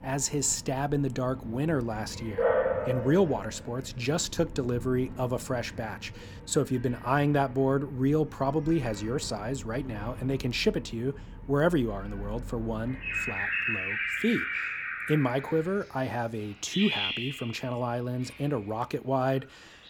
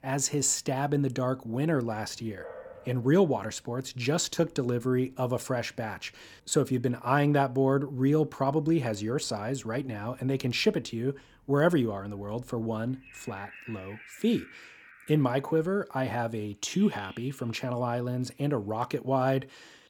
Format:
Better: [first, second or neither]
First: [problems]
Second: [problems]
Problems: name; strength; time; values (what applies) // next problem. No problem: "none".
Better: second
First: animal sounds; loud; throughout; 4 dB below the speech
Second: animal sounds; faint; throughout; 25 dB below the speech